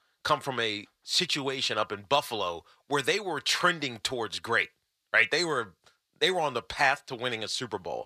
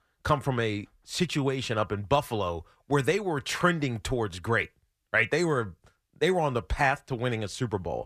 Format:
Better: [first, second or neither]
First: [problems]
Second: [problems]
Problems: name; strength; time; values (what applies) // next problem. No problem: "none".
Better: second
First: thin; somewhat; fading below 650 Hz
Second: none